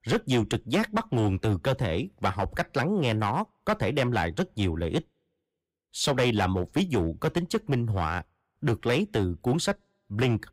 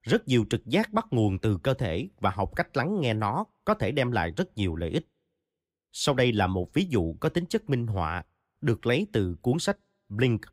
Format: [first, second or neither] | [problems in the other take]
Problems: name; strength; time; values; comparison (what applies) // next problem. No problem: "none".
second | distortion; slight; 6% of the sound clipped